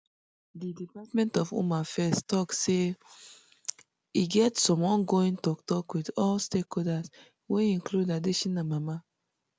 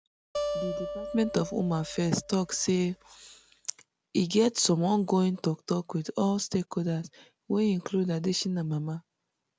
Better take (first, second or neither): first